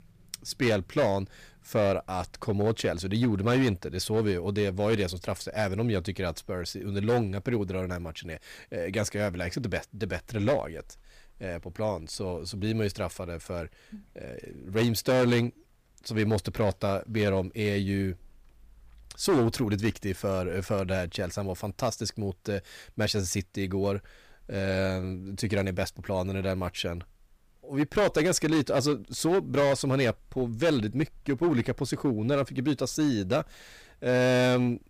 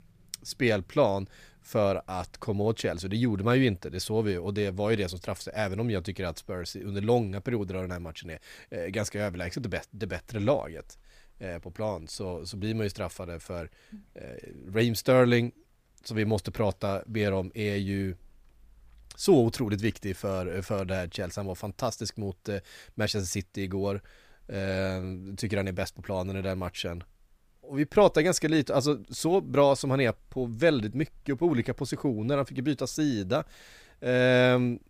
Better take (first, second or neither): second